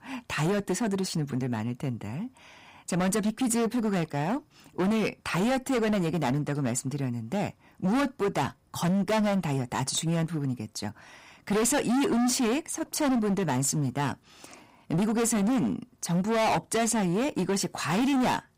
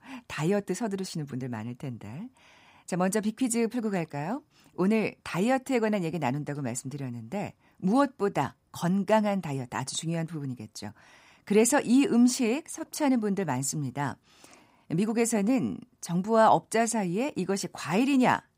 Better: second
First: distortion; heavy; 19% of the sound clipped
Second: none

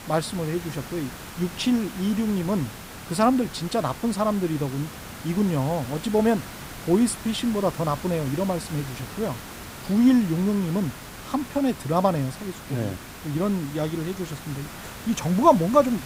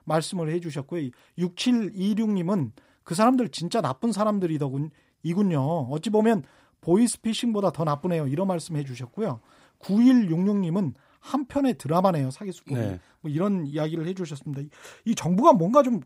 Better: second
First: hiss; noticeable; throughout; 15 dB below the speech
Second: none

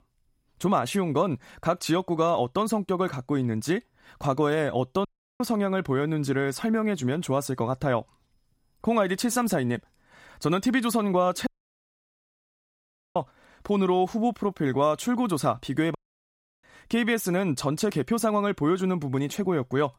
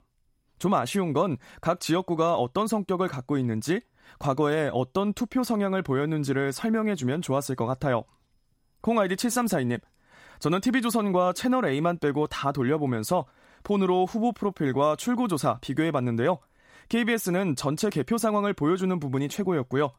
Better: second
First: audio cutting out; at 5 s, at 11 s for 1.5 s and at 16 s for 0.5 s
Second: none

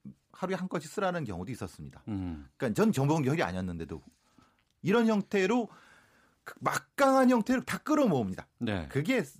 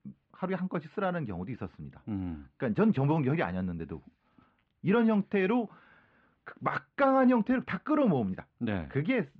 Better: first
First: none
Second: muffled; very; fading above 3 kHz

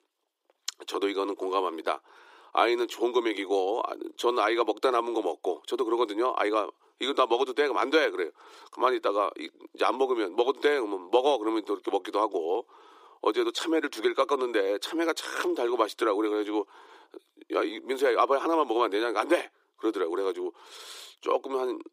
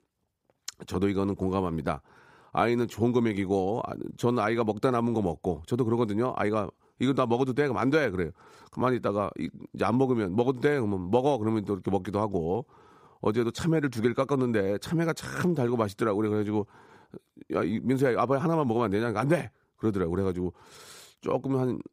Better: second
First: thin; very; fading below 300 Hz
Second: none

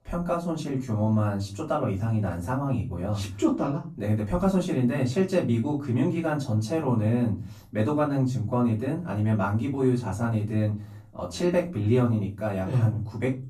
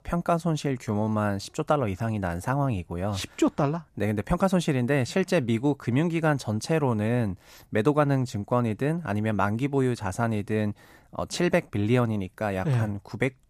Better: second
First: off-mic speech; far // room echo; slight; dies away in 0.4 s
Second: none

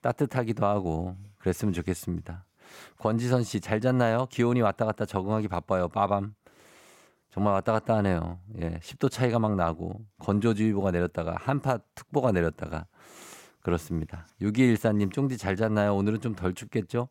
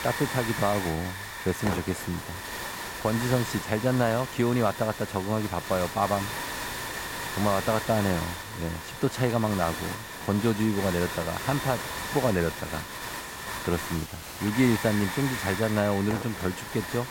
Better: first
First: none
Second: hiss; loud; throughout; 6 dB below the speech

